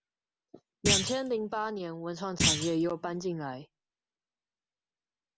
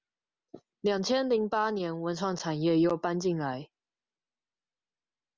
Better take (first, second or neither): second